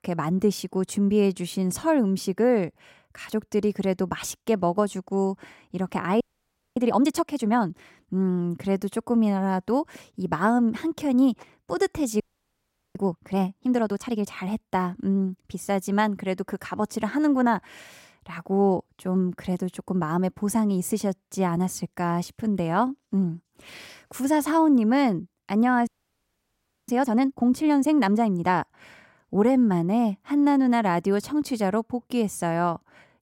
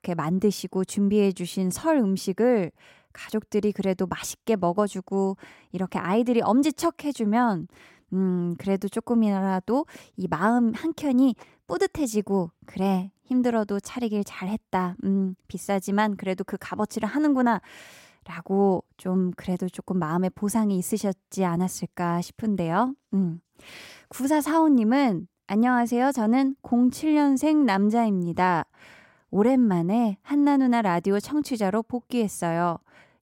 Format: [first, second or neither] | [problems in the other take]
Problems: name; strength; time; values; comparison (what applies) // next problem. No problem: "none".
second | audio freezing; at 6 s for 0.5 s, at 12 s for 1 s and at 26 s for 1 s